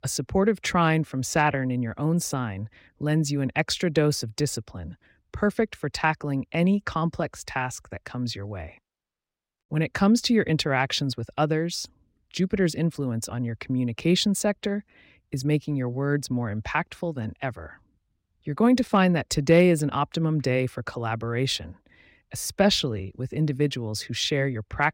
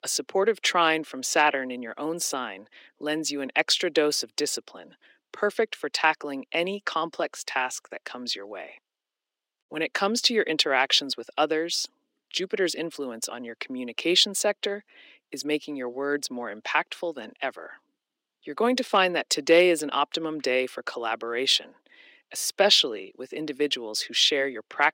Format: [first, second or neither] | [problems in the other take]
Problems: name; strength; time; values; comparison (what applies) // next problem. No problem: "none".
first | thin; somewhat; fading below 300 Hz